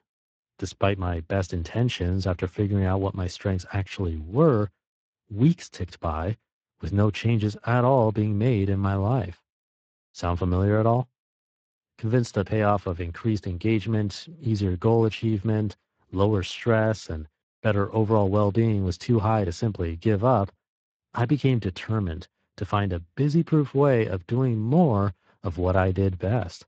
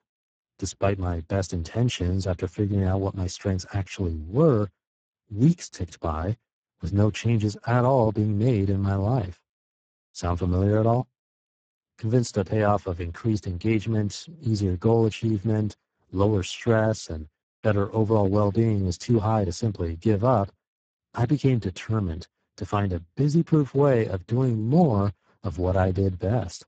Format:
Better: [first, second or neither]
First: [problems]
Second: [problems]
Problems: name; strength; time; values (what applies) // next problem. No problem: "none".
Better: first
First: garbled, watery; slightly; nothing above 7.5 kHz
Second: garbled, watery; badly; nothing above 7.5 kHz